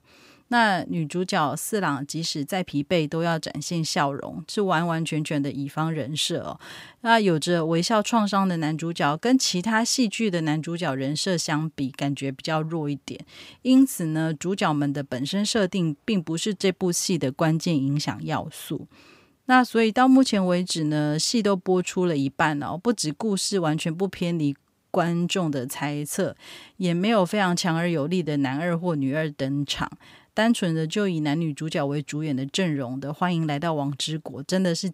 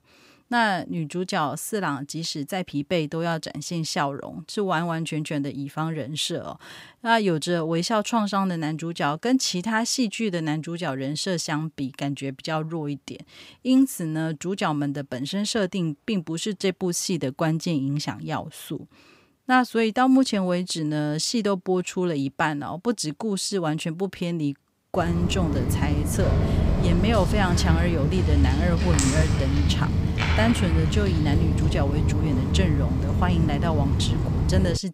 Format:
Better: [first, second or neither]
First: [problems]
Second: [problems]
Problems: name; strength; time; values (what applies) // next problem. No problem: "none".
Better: first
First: none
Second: footsteps; loud; from 25 s on; peak 4 dB above the speech